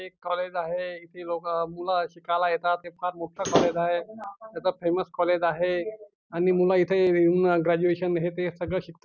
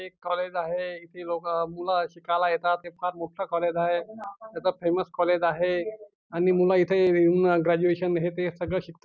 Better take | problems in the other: second | background sound (Slam / Wood); as loud as the speech

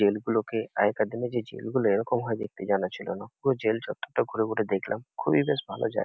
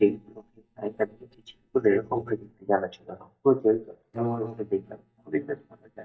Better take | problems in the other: first | noise reduction (neural mask model DeepFilterNet 3)

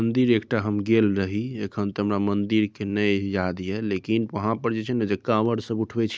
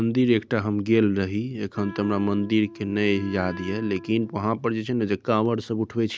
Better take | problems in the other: first | background sound (Wind instrument, woodwind instrument); 17 dB below the speech

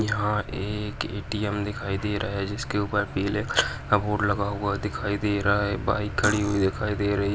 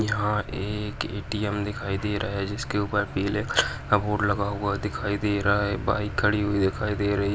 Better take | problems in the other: second | background sound (Cutlery, silverware); 9 dB below the speech

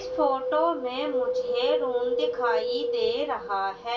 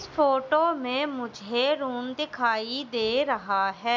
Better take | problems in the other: second | background sound (Wind); 1 dB above the speech // room echo; dies away in 0.2 s

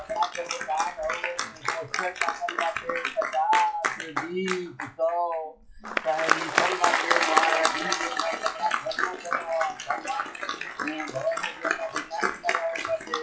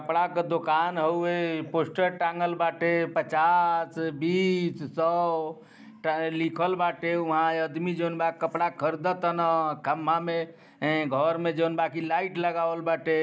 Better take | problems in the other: second | noise reduction (classical method WPE with log-MMSE)

